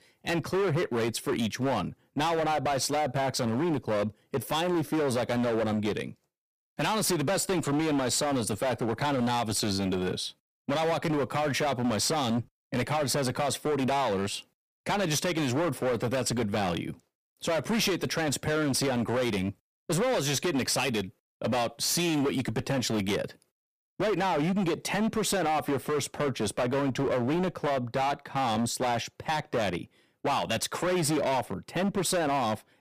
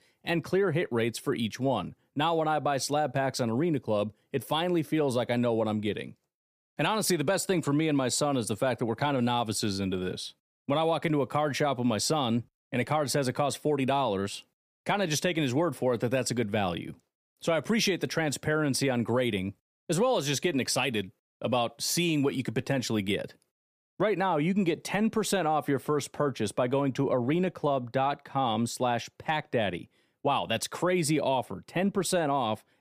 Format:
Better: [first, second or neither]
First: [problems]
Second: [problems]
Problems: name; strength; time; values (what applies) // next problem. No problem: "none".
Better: second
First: distortion; heavy; 22% of the sound clipped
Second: none